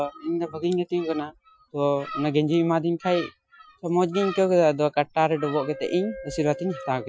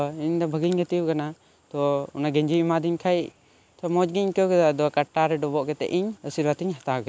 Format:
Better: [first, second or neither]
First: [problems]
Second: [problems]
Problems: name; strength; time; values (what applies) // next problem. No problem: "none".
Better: second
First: noise reduction (classical method Wiener filter)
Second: none